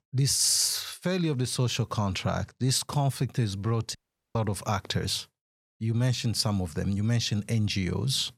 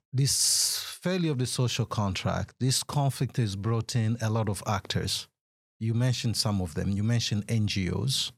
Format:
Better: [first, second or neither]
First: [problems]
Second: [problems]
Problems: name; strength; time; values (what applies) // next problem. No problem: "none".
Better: second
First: audio cutting out; at 4 s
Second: none